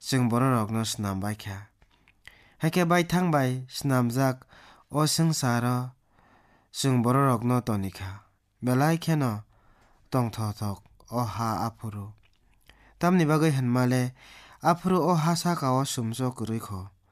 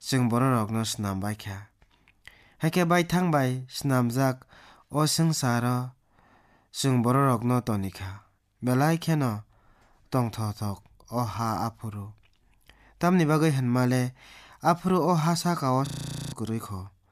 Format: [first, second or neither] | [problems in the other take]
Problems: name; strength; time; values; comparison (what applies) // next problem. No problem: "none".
first | audio freezing; at 16 s